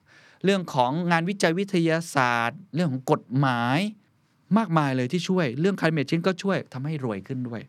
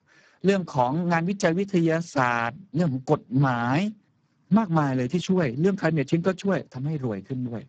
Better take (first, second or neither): first